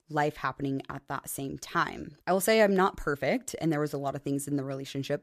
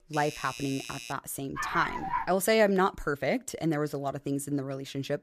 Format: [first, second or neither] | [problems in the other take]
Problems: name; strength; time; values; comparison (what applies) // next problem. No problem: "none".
first | doorbell; noticeable; until 1 s; peak 10 dB below the speech // dog barking; noticeable; at 1.5 s; peak 2 dB below the speech